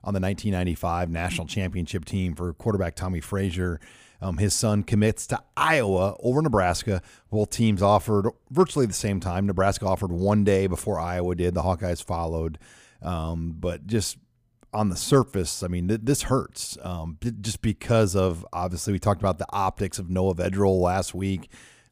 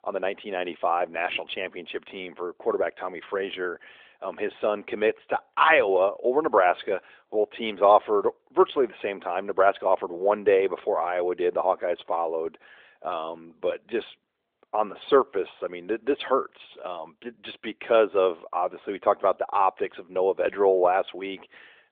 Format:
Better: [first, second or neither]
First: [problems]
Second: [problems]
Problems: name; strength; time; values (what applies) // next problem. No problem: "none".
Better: first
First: none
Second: phone-call audio